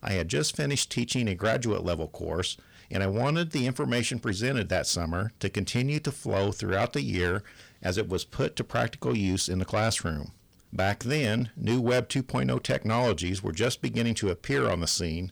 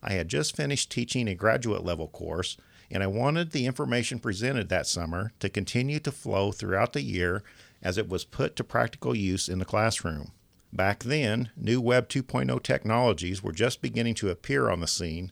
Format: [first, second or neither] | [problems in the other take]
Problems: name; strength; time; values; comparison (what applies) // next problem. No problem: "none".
second | distortion; slight; 10 dB below the speech